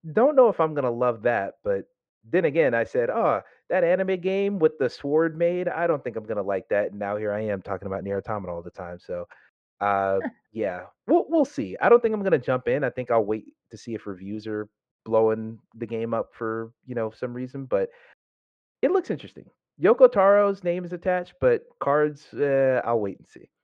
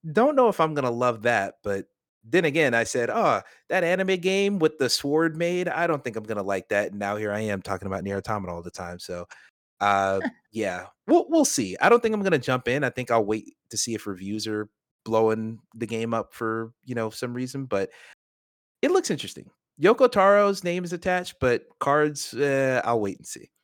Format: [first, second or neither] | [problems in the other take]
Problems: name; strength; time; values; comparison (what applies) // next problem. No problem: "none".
second | muffled; very; fading above 2 kHz